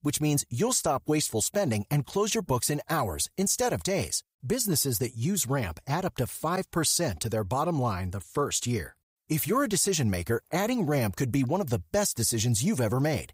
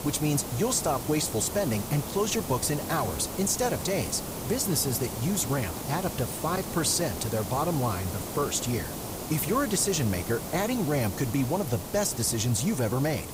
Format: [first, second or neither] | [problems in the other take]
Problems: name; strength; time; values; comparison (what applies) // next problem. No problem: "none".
first | hiss; loud; throughout; 7 dB below the speech